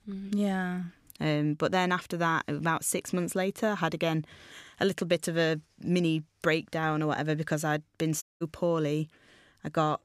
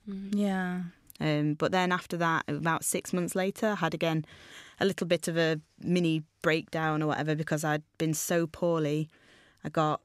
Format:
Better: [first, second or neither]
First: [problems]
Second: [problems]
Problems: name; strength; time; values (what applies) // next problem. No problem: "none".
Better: second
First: audio cutting out; at 8 s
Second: none